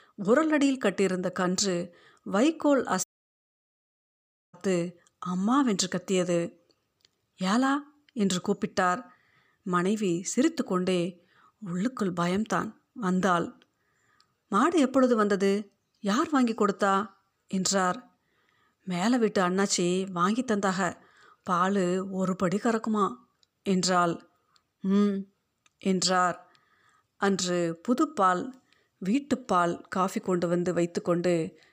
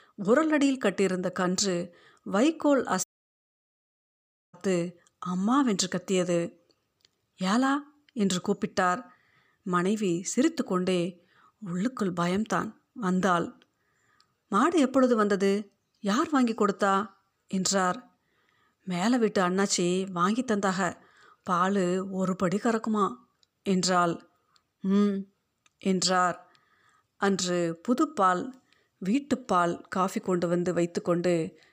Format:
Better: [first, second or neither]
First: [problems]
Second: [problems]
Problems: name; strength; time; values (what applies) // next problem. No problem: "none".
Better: neither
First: audio cutting out; at 3 s for 1.5 s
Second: audio cutting out; at 3 s for 1.5 s